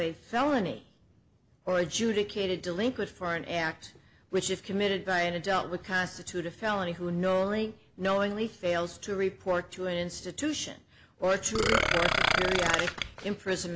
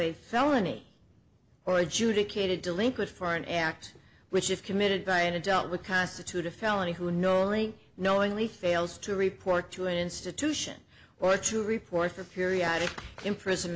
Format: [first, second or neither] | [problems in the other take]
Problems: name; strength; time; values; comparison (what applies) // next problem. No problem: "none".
second | background sound (Burping, eructation); 3 dB above the speech